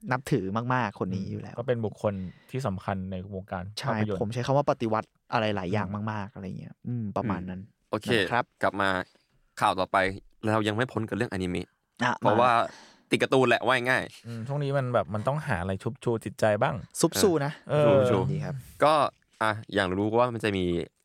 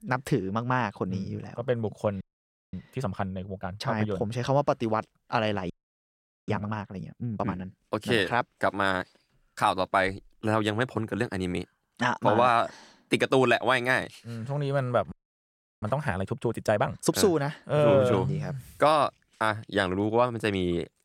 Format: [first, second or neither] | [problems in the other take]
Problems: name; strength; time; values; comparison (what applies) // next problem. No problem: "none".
first | audio freezing; at 2 s for 0.5 s, at 5.5 s for 1 s and at 15 s for 0.5 s